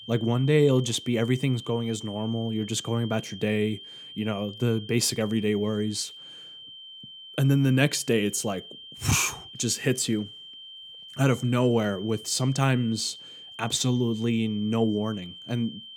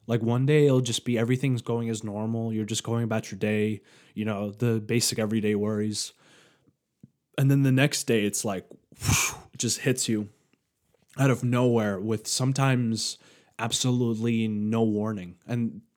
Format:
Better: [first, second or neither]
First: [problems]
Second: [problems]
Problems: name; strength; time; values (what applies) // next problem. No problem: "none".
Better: second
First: high-pitched whine; noticeable; throughout; 3 kHz, 15 dB below the speech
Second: none